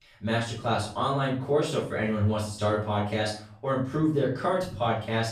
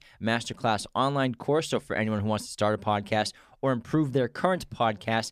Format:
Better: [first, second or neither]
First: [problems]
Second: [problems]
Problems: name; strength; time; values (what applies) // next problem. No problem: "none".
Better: second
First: off-mic speech; far // room echo; noticeable; dies away in 0.4 s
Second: none